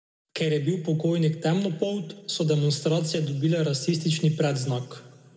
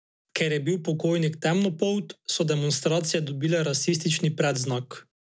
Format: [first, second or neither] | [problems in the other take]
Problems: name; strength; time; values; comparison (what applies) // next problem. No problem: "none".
second | room echo; dies away in 1.3 s